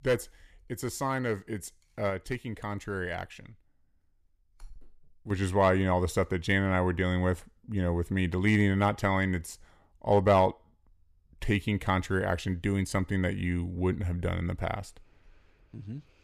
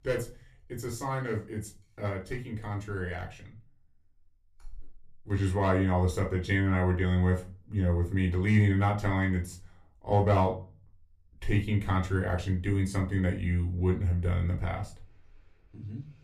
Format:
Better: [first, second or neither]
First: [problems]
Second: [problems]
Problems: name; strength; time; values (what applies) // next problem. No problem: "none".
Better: first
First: none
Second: off-mic speech; far // room echo; very slight; dies away in 0.3 s